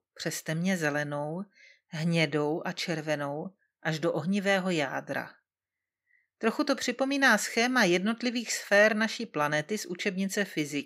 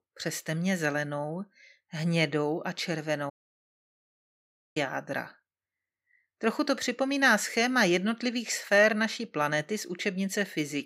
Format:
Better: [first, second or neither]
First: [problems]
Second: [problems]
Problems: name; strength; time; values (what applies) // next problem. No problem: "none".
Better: first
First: none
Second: audio cutting out; at 3.5 s for 1.5 s